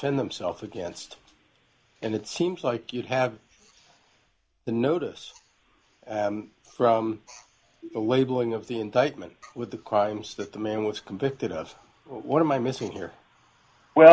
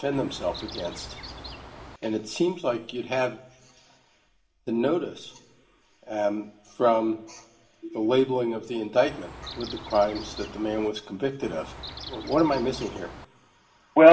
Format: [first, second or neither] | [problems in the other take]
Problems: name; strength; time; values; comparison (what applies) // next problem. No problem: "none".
first | background sound (Chirp, tweet); 15 dB below the speech // room echo; dies away in 0.8 s